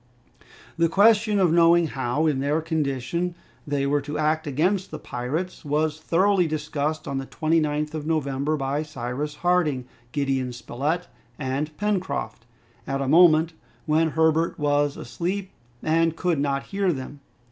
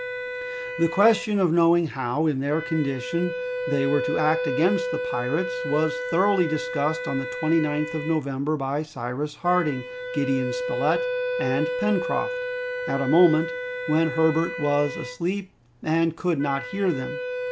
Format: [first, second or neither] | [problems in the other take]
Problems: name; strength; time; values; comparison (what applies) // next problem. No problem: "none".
first | background sound (Wind instrument, woodwind instrument); 6 dB below the speech